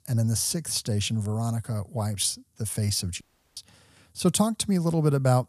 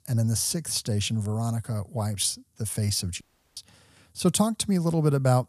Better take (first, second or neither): neither